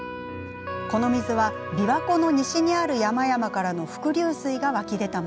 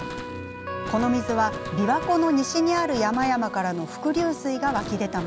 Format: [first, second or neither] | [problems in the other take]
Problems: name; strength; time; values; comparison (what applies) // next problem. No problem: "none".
first | background sound (Fireworks); 16 dB below the speech